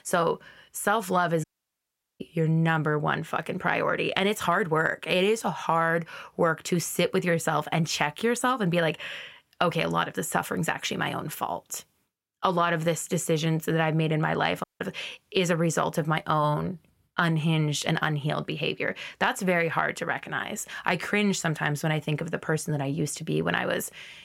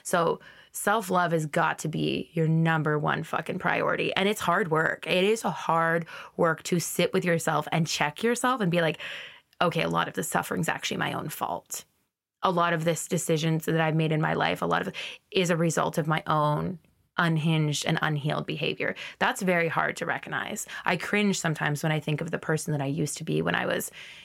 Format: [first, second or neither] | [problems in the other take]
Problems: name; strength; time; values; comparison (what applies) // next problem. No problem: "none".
second | audio cutting out; at 1.5 s for 1 s and at 15 s